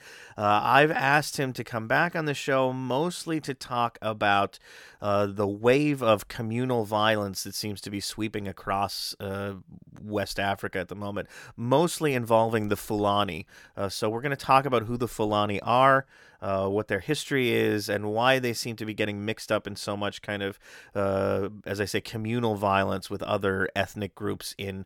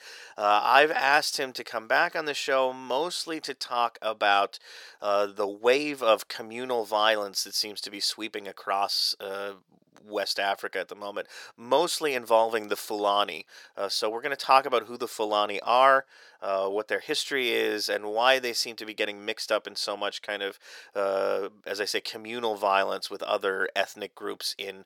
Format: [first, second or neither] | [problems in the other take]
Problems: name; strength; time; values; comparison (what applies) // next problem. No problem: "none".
first | thin; somewhat; fading below 500 Hz